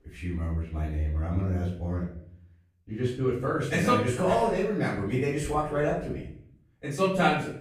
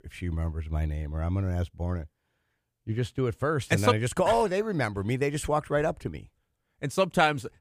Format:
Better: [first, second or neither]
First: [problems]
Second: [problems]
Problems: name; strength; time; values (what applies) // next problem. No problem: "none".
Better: second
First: off-mic speech; far // room echo; noticeable; dies away in 0.5 s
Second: none